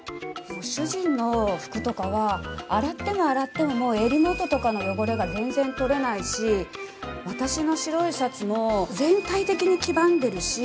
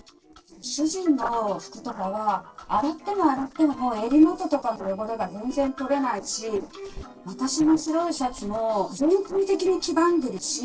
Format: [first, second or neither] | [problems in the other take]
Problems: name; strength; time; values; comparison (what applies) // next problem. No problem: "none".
first | noise reduction (neural separator model SepFormer DNS4)